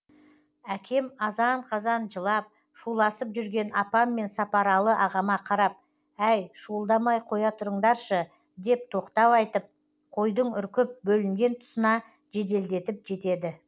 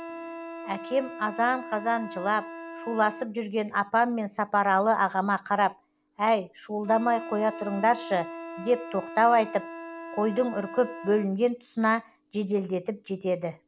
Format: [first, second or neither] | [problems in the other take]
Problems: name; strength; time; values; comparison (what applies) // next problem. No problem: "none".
first | background sound (Wind instrument, woodwind instrument); 14 dB below the speech